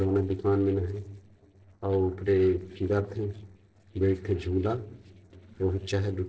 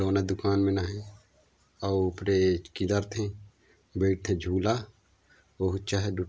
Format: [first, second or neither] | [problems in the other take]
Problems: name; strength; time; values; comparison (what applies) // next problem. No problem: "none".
second | noise reduction (neural separator model SepFormer DNS4)